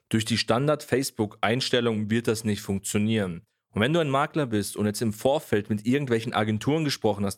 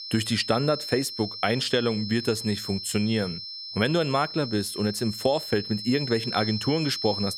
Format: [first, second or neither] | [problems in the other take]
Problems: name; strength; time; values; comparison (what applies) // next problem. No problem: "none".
first | high-pitched whine; loud; throughout; 5.5 kHz, 7 dB below the speech